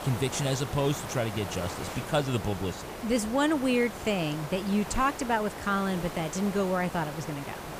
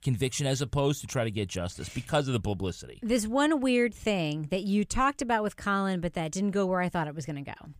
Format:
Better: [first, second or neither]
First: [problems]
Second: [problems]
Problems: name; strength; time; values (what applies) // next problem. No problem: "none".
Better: second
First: hiss; loud; throughout; 9 dB below the speech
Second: none